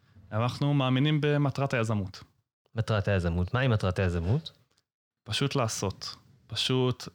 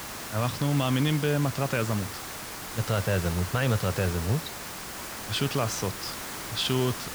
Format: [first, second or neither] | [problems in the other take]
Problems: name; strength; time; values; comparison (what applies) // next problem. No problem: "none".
first | hiss; loud; throughout; 7 dB below the speech